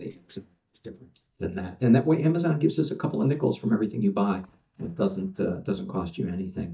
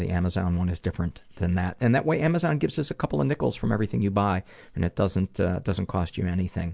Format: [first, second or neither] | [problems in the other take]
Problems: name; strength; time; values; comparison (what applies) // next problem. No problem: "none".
second | noise reduction (neural mask model DeepFilterNet 3)